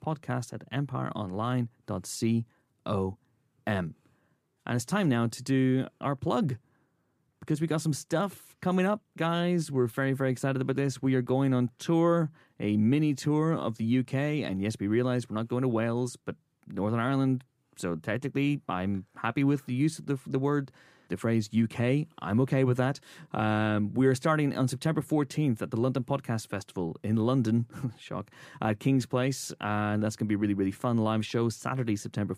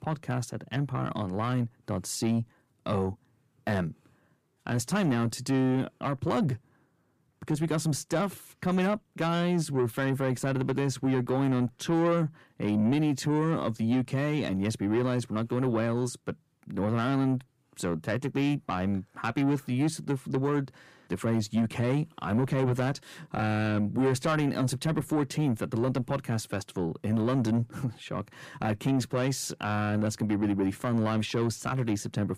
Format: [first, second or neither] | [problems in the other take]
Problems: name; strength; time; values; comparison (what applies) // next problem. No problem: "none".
first | distortion; slight; 10 dB below the speech